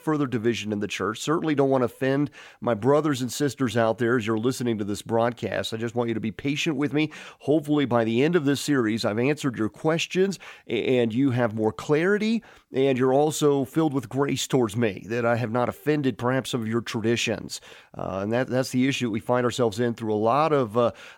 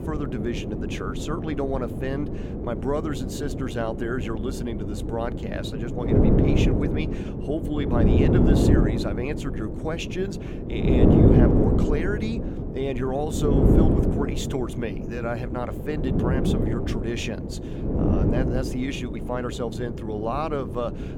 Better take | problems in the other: first | wind noise on the microphone; heavy; 1 dB above the speech

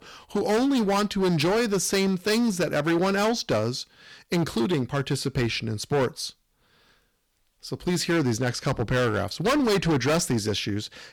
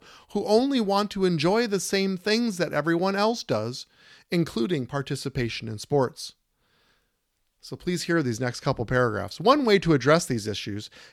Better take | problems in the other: second | distortion; heavy; 15% of the sound clipped

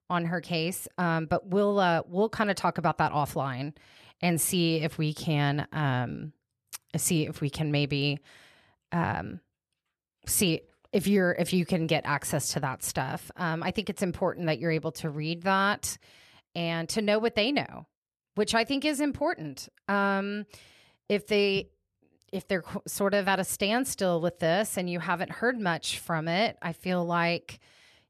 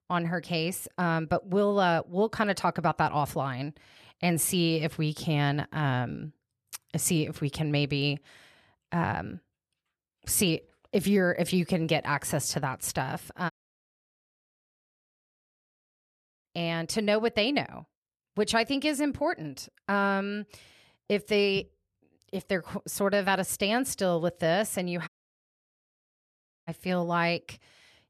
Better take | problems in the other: first | audio cutting out; at 14 s for 3 s and at 25 s for 1.5 s

